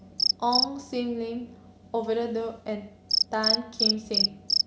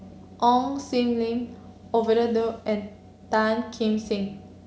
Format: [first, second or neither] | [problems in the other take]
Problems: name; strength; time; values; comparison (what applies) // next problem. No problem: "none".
second | background sound (Cricket); 2 dB above the speech